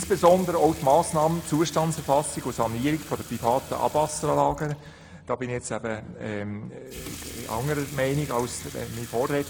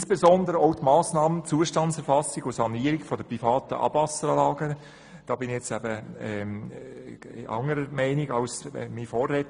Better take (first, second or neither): second